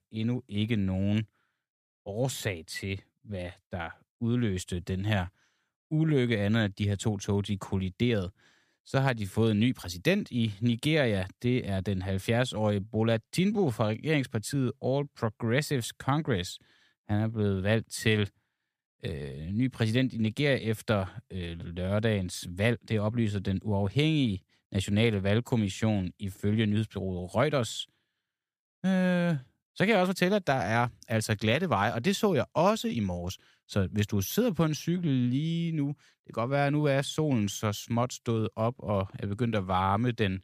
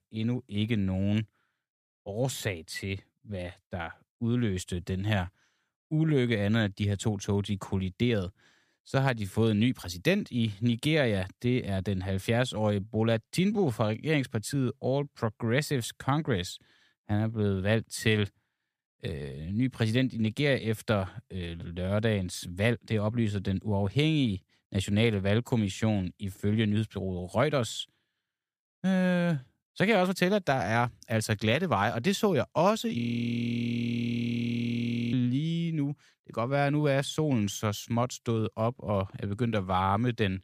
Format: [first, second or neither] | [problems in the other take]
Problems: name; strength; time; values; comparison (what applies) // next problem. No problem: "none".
first | audio freezing; at 33 s for 2 s